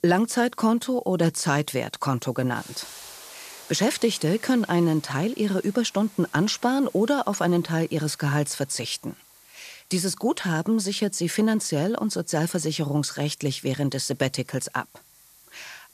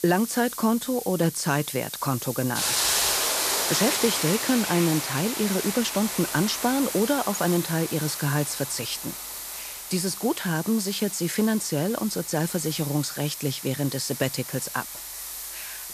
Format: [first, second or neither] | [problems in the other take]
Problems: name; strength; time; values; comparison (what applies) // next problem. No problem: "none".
first | hiss; loud; throughout; 3 dB below the speech; faint in the first